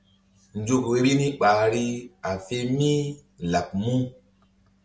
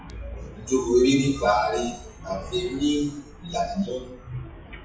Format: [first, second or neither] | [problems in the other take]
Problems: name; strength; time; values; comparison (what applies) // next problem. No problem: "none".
first | noise reduction (classical method WPE with log-MMSE)